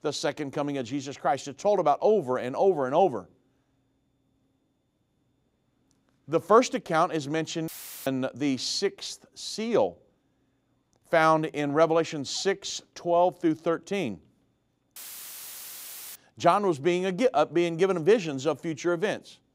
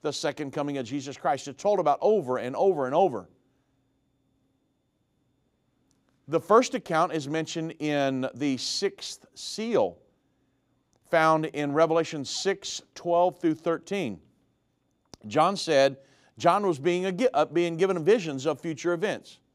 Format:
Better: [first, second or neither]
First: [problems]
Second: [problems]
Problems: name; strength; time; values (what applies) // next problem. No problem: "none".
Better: second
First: audio cutting out; filled with static; at 7.5 s and at 15 s for 1 s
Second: none